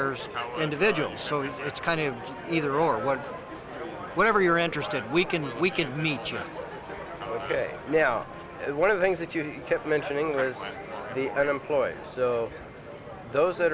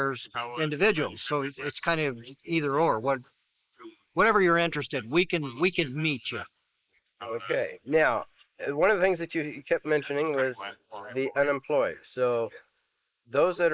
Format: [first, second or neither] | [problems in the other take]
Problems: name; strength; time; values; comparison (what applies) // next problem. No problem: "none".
first | noise reduction (neural mask model Resemble Enhance denoiser)